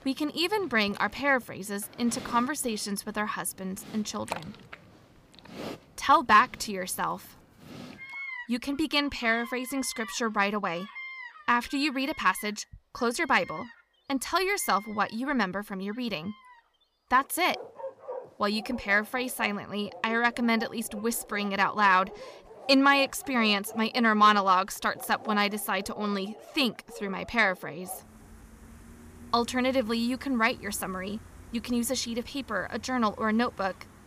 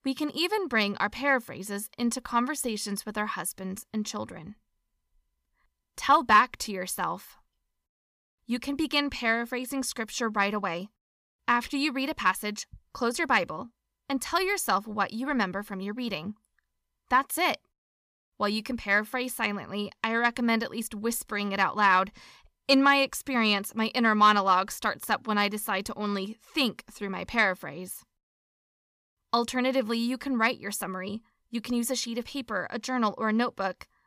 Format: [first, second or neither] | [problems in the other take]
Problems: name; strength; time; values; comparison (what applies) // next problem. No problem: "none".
second | animal sounds; noticeable; throughout; 20 dB below the speech